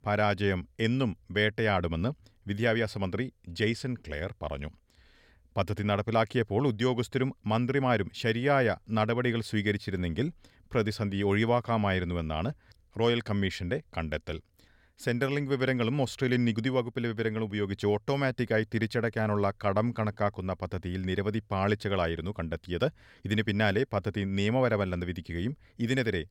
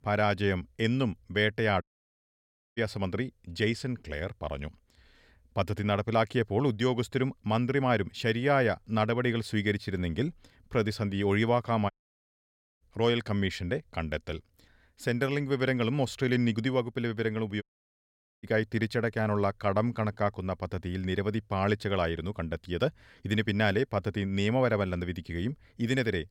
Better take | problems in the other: first | audio cutting out; at 2 s for 1 s, at 12 s for 1 s and at 18 s for 1 s

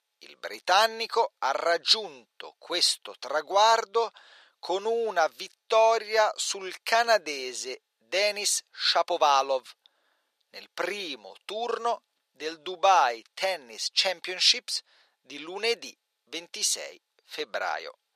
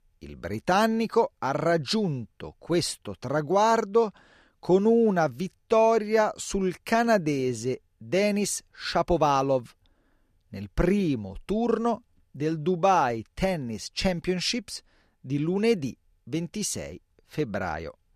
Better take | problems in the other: second | thin; very; fading below 600 Hz

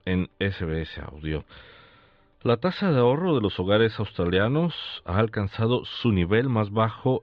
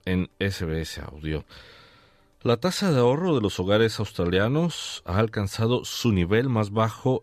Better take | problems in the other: second | muffled; slightly; fading above 3.5 kHz

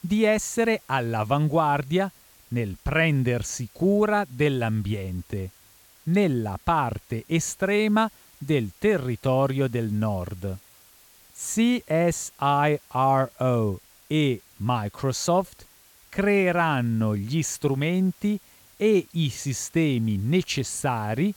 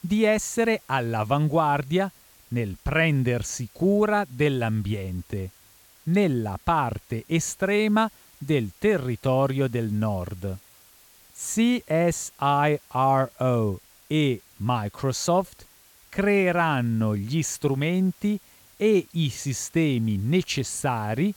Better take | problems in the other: neither | hiss; faint; throughout; 25 dB below the speech; the same in both

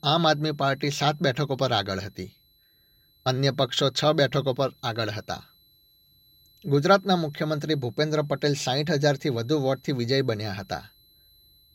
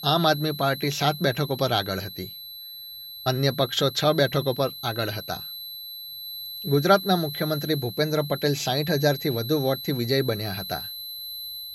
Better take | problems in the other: first | high-pitched whine; loud; throughout; 4 kHz, 10 dB below the speech; faint in the first

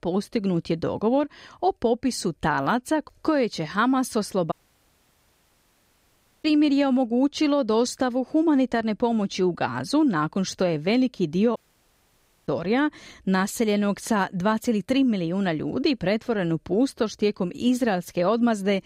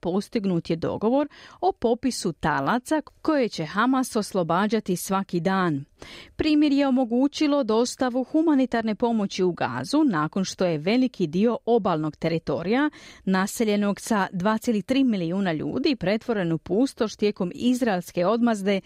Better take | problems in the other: second | audio cutting out; at 4.5 s for 2 s and at 12 s for 1 s

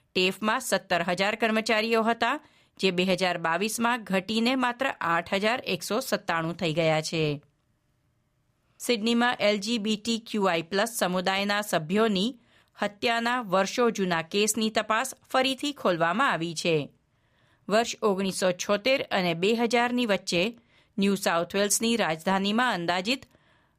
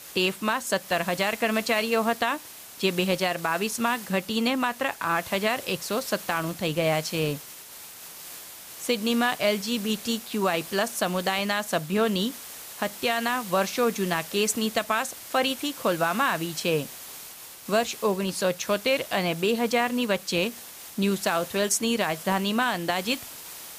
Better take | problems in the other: first | hiss; noticeable; throughout; 15 dB below the speech

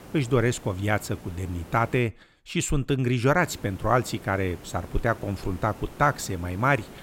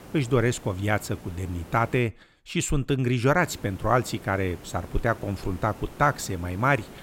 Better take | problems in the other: neither | hiss; noticeable; until 2 s and from 3.5 s on; 20 dB below the speech; the same in both

